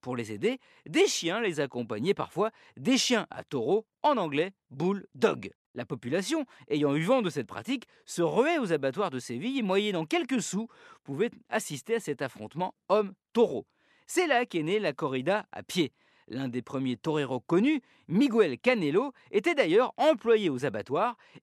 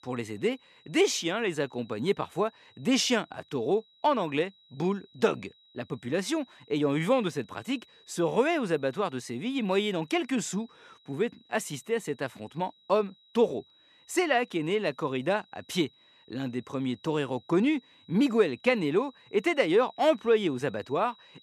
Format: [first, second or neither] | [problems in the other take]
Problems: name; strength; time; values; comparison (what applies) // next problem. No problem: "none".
first | high-pitched whine; faint; throughout; 4 kHz, 30 dB below the speech